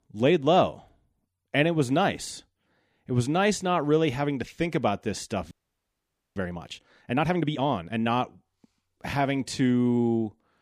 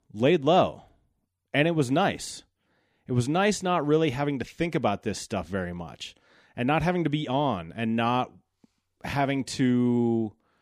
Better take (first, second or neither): second